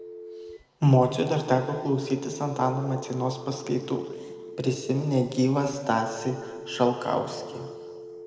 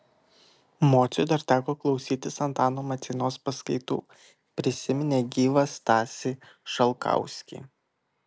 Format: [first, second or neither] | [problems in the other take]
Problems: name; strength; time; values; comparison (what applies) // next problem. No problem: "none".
second | background sound (Telephone); 15 dB below the speech // room echo; dies away in 1.9 s